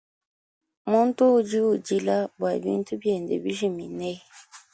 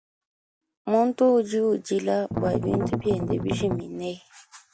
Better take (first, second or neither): first